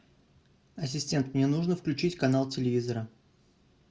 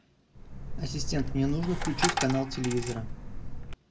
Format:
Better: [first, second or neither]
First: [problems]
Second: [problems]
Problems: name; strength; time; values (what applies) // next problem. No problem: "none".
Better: first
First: none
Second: background sound (Coin (dropping)); 1 dB below the speech